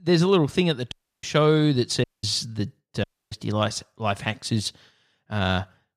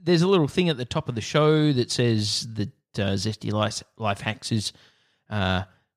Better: second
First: audio cutting out; at 1 s, at 2 s and at 3 s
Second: none

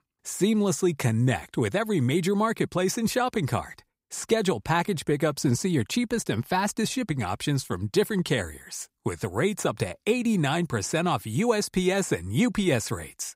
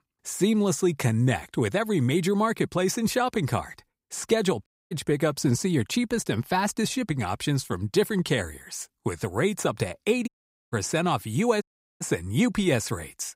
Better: first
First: none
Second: audio cutting out; at 4.5 s, at 10 s and at 12 s

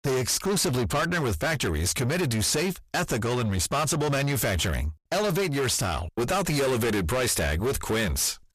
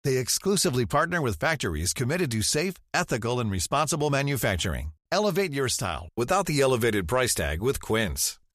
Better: second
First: distortion; heavy; 7 dB below the speech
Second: none

